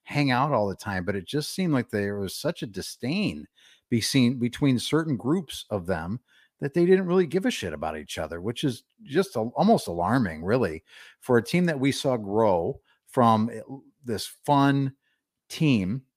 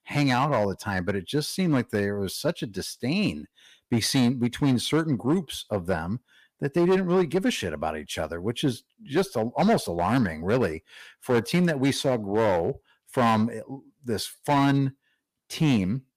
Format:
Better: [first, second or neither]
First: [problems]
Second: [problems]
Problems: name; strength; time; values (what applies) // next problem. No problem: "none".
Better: first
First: none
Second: distortion; slight; 6% of the sound clipped